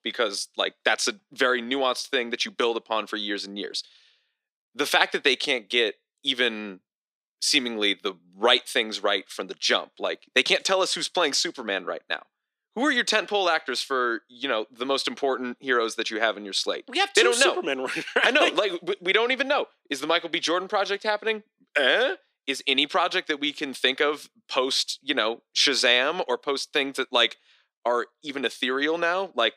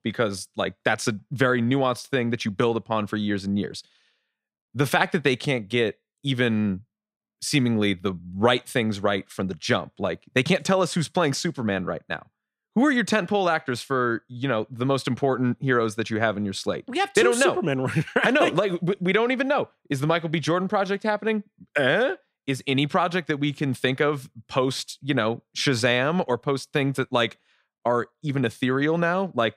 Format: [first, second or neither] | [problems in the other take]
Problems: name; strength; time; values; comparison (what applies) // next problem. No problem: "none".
second | thin; somewhat; fading below 300 Hz